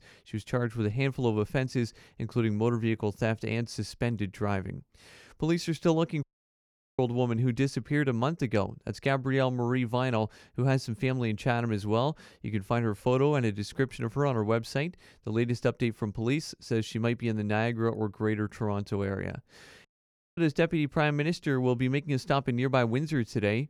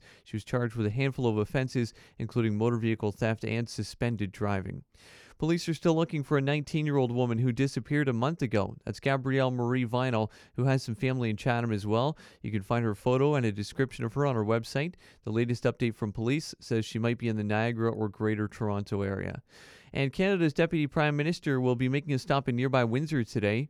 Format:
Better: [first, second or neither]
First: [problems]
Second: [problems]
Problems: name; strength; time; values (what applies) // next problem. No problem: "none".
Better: second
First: audio cutting out; at 6 s for 1 s and at 20 s for 0.5 s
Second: none